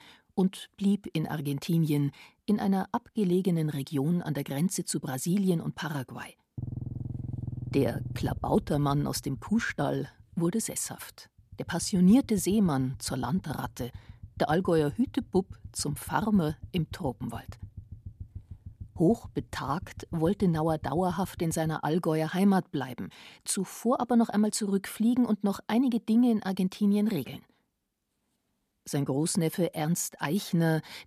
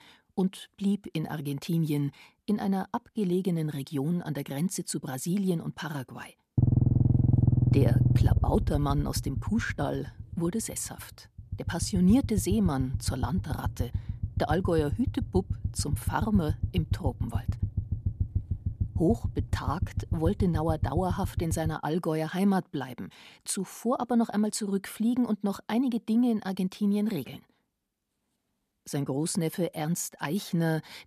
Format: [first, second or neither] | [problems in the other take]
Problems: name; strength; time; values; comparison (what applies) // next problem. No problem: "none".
first | low rumble; loud; from 6.5 to 22 s; 9 dB below the speech; faint in the first